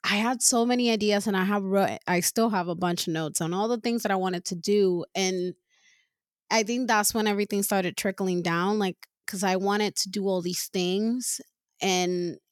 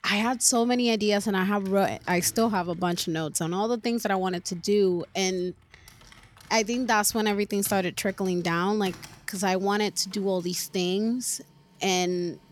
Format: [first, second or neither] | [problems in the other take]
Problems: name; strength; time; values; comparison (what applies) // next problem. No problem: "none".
first | household noises; faint; throughout; 25 dB below the speech